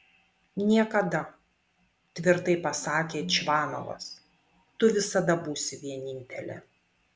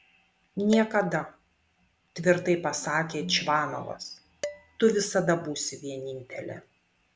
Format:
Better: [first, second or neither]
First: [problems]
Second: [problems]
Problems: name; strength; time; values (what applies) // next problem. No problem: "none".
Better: first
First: none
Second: background sound (Dishes, pots, and pans); 16 dB below the speech